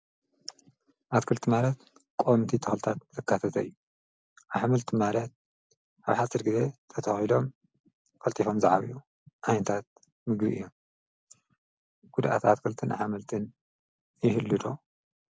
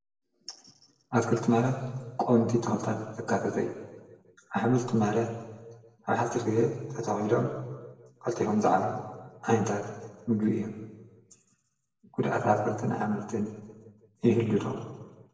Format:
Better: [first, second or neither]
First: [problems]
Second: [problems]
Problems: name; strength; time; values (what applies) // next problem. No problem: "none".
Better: first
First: none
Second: room echo; dies away in 1.2 s